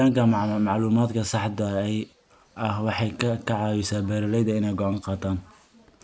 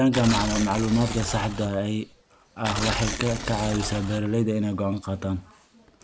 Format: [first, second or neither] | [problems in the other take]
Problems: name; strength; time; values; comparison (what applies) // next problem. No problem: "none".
first | background sound (Tearing); 7 dB below the speech